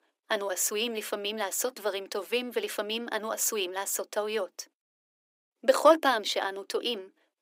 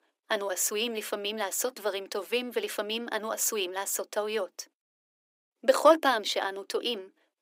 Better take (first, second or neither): neither